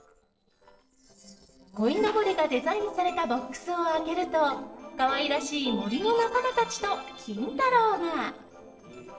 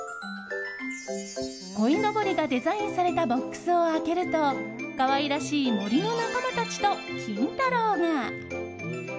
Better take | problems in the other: second | noise reduction (neural separator model SepFormer DNS4)

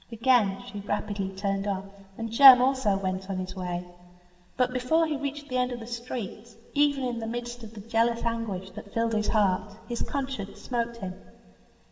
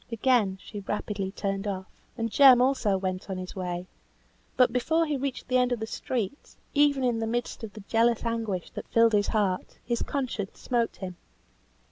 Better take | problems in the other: second | room echo; dies away in 1.6 s

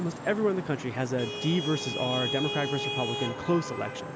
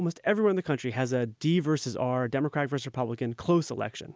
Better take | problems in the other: second | background sound (Traffic noise, roadway noise / Vehicle horn, car horn, honking); 5 dB below the speech

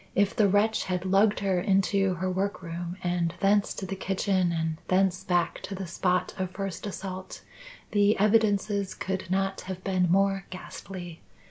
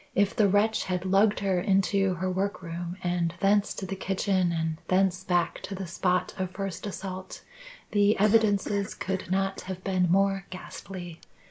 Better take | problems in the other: first | noise reduction (neural mask model Resemble Enhance denoiser)

